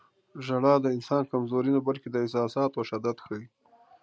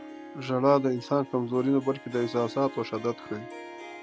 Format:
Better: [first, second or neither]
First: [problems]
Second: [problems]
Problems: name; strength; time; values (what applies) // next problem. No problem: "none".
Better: first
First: none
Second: background sound (Harp); 16 dB below the speech